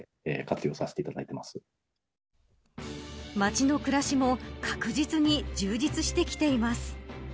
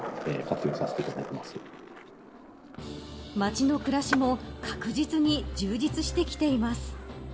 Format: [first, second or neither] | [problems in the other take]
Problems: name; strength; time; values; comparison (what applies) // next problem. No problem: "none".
first | background sound (Skateboard); 11 dB below the speech // room echo; dies away in 0.7 s